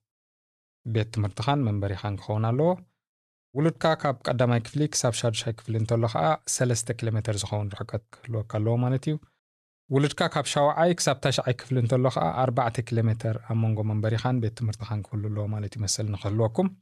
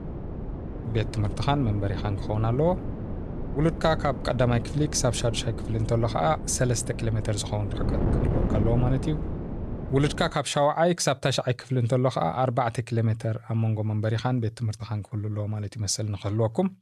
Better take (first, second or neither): first